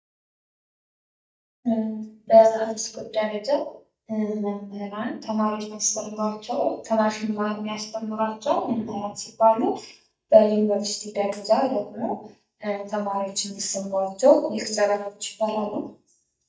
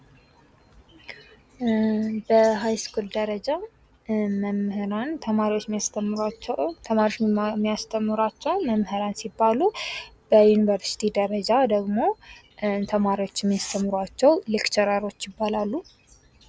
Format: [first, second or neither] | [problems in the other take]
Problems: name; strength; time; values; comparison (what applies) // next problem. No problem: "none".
second | noise reduction (neural mask model DeepFilterNet 3)